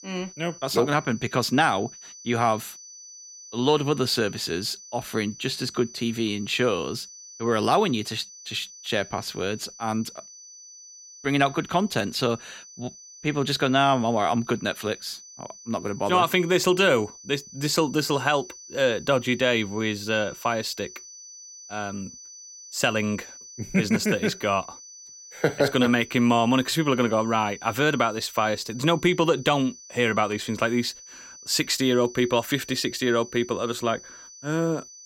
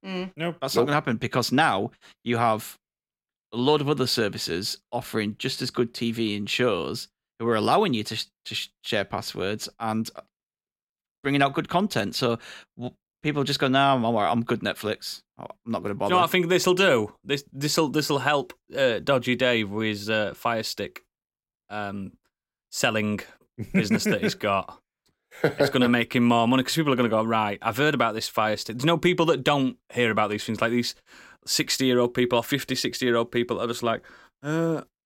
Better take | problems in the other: second | high-pitched whine; noticeable; throughout; 6 kHz, 20 dB below the speech

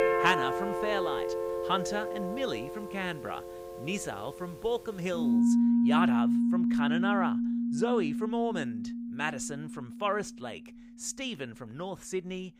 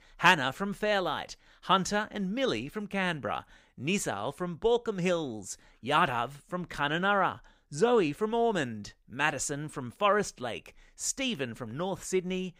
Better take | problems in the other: second | background music; very loud; throughout; 5 dB above the speech

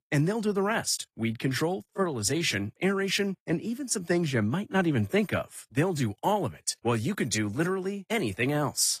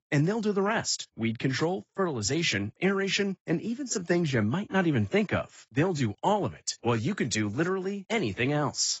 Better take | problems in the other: first | garbled, watery; badly; nothing above 7.5 kHz; slightly in the first

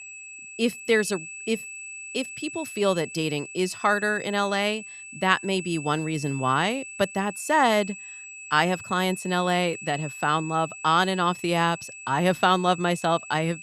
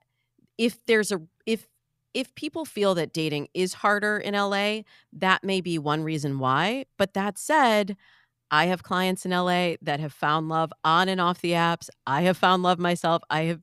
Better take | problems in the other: second | high-pitched whine; noticeable; throughout; 2.5 kHz, 10 dB below the speech

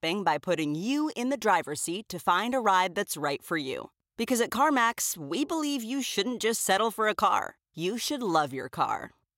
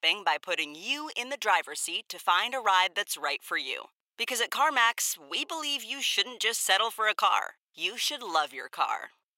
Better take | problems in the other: first | thin; very; fading below 700 Hz

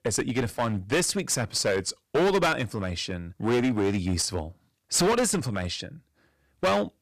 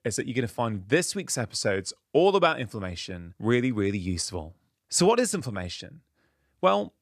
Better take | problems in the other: second | distortion; heavy; 11% of the sound clipped

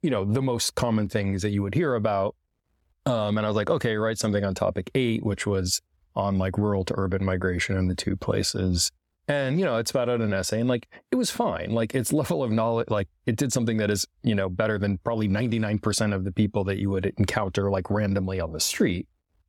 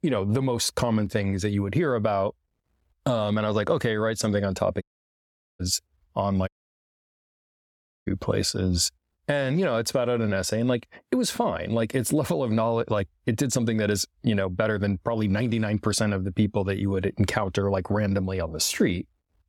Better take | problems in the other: first | audio cutting out; at 5 s for 1 s and at 6.5 s for 1.5 s

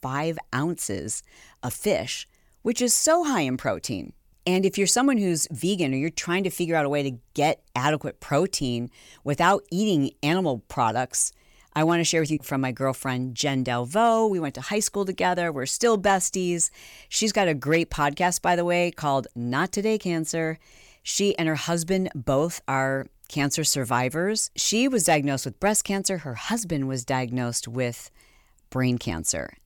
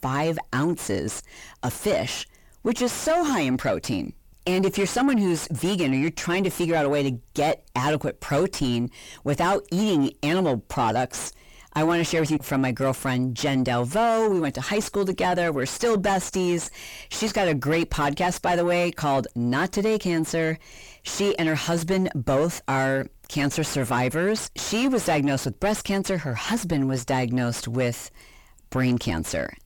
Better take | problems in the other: first | distortion; heavy; 6 dB below the speech

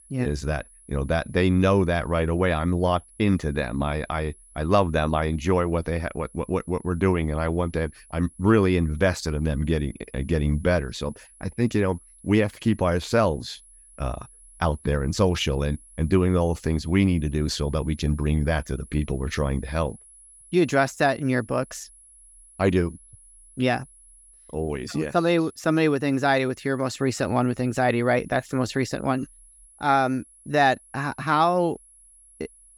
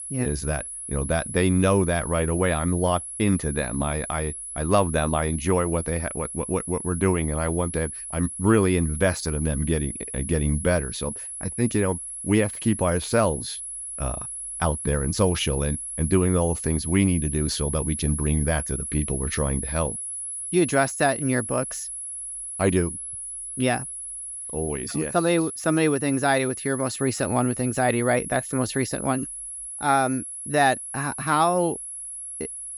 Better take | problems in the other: first | high-pitched whine; loud; throughout; 10 kHz, 7 dB below the speech; faint in the first

